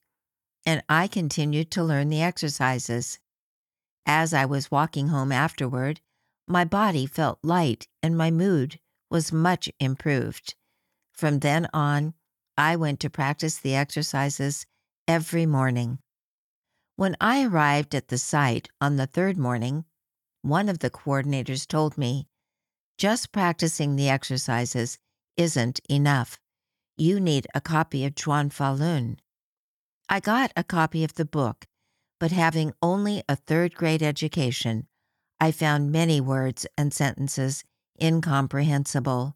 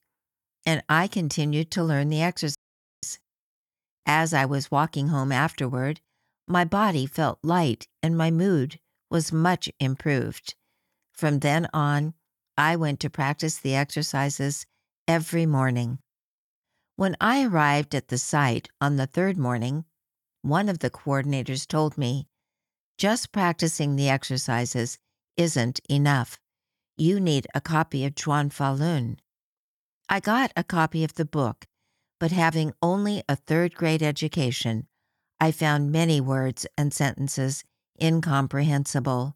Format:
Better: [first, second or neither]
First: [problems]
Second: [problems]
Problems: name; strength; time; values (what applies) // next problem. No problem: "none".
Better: first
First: none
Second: audio cutting out; at 2.5 s